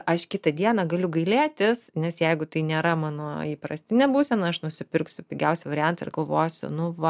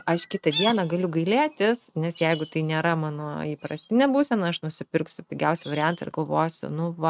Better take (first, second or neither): first